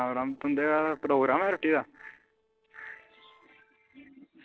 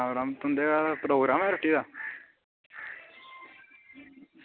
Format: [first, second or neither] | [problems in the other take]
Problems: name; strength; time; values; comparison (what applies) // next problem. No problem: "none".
second | noise reduction (neural separator model SepFormer DNS4)